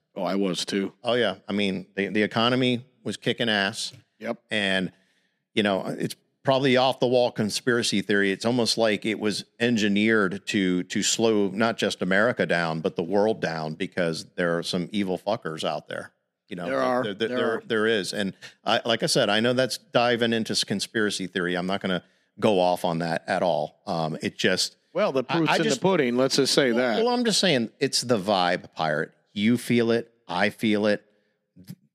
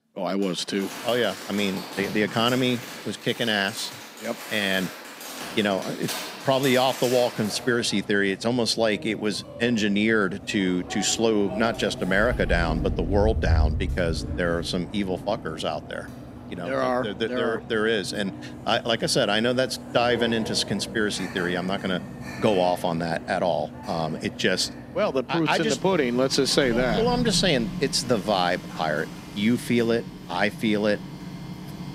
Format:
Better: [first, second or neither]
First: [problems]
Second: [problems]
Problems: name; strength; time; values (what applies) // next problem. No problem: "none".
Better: first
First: none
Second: household noises; noticeable; throughout; 10 dB below the speech